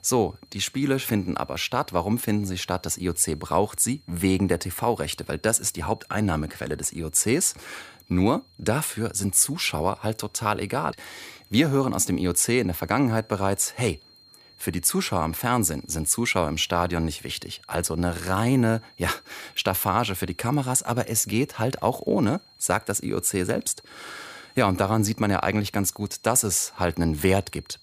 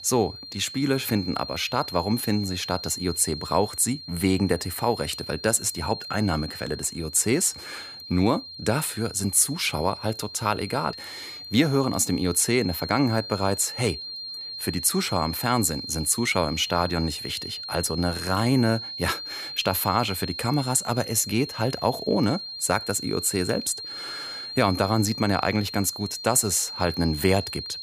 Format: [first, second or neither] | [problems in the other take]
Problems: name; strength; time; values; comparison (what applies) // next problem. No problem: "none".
first | high-pitched whine; loud; throughout; 4 kHz, 9 dB below the speech; faint in the first